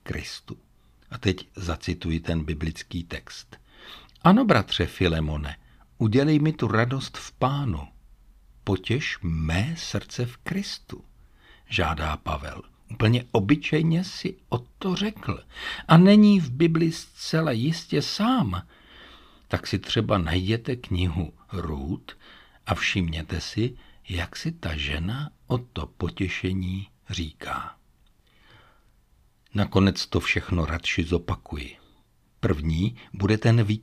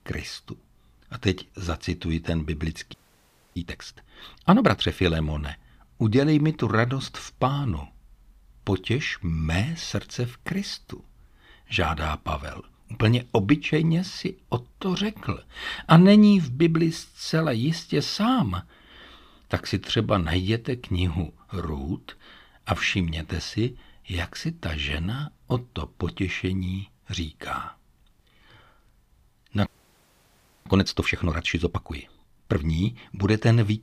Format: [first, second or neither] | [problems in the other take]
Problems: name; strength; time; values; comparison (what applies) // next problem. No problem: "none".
first | audio freezing; at 3 s for 0.5 s and at 30 s for 1 s